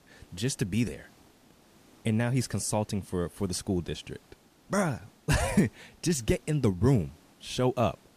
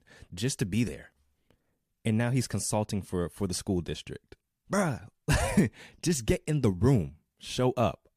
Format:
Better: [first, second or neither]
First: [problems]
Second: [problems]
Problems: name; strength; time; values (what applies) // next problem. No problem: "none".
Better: second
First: hiss; faint; throughout; 30 dB below the speech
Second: none